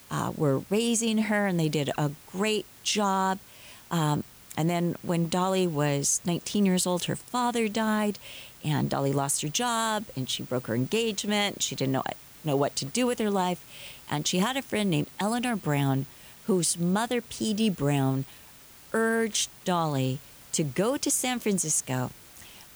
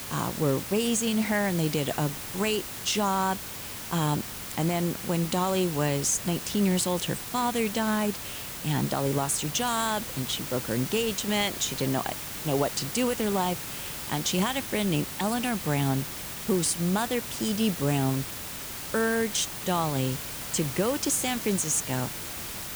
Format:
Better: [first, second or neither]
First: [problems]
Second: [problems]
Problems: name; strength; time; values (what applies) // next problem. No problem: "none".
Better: first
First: hiss; faint; throughout; 20 dB below the speech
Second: hiss; loud; throughout; 7 dB below the speech